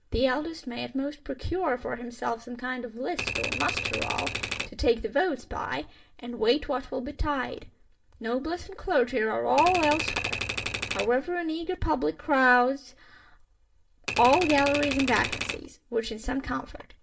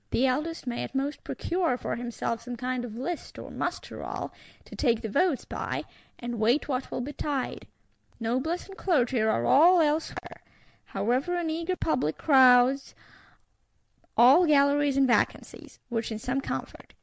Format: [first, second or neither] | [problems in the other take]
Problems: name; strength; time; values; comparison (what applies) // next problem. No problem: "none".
second | background sound (Typewriter); 4 dB below the speech // room echo; dies away in 0.2 s